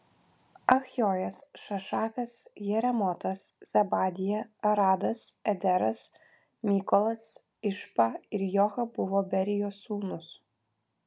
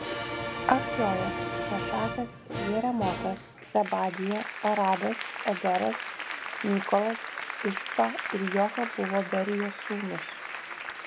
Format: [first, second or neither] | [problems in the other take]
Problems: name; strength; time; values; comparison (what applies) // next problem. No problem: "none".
first | background sound (Applause); 5 dB below the speech